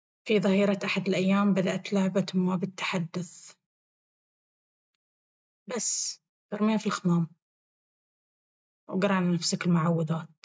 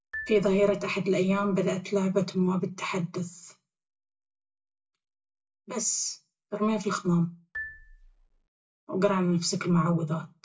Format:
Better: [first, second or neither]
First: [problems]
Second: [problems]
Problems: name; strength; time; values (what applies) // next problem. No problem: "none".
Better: first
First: none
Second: background sound (Marimba, xylophone); 17 dB below the speech // room echo; dies away in 0.2 s